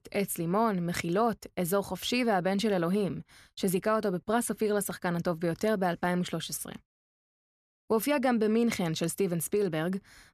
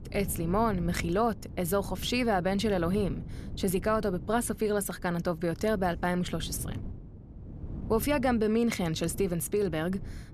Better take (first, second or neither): first